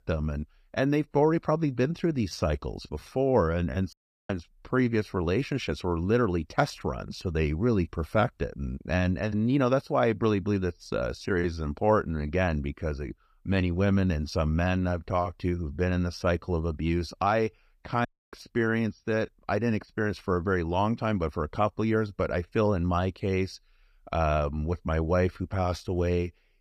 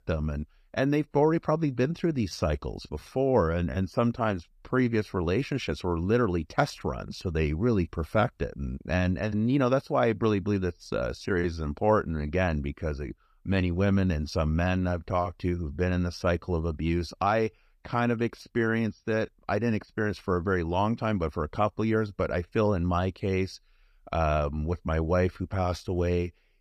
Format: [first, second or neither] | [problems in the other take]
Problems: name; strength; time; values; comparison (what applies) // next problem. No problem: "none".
second | audio cutting out; at 4 s and at 18 s